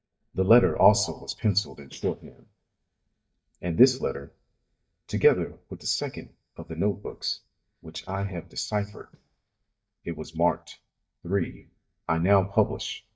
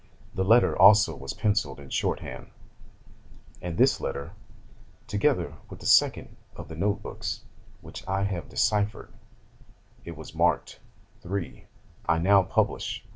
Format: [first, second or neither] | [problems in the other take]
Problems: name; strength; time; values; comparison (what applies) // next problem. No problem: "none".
second | noise reduction (neural mask model DeepFilterNet 3)